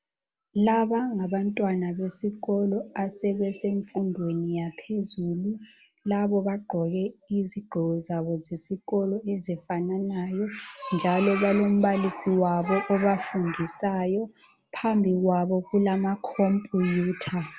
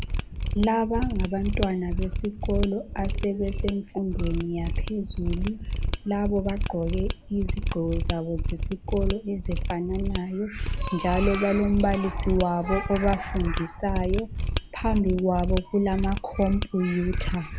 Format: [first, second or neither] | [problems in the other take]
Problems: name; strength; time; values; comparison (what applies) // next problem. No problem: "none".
first | background sound (Mechanisms); 2 dB below the speech